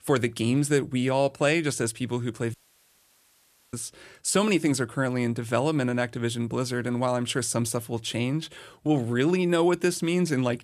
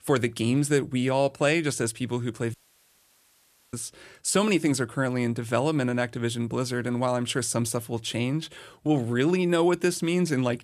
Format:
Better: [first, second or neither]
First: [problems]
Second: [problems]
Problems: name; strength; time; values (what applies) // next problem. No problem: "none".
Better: neither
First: audio cutting out; at 2.5 s for 1 s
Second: audio cutting out; at 2.5 s for 1 s